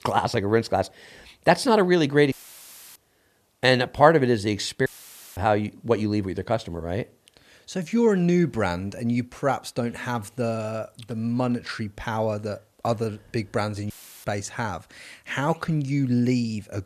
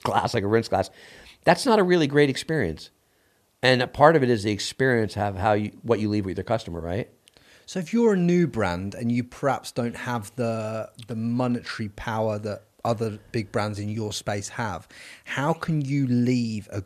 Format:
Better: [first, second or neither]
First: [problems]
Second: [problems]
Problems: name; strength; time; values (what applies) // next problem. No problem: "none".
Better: second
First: audio cutting out; filled with static; at 2.5 s for 0.5 s, at 5 s for 0.5 s and at 14 s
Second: none